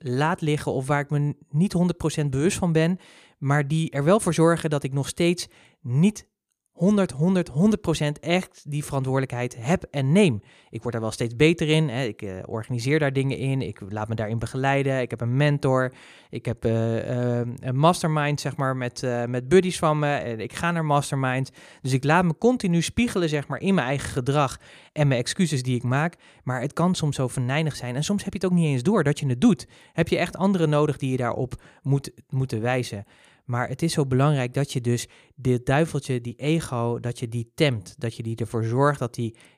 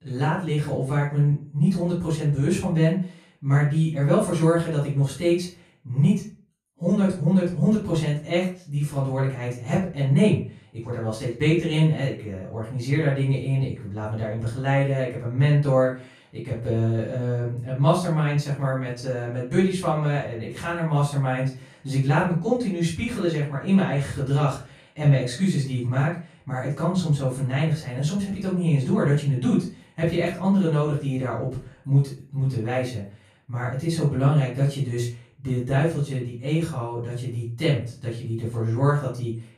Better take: first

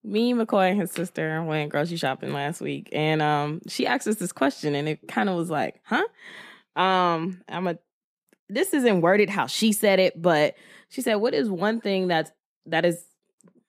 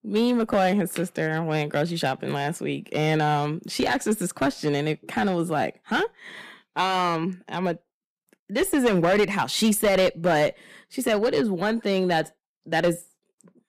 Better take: first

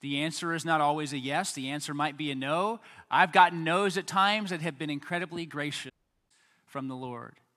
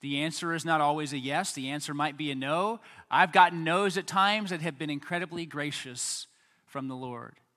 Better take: second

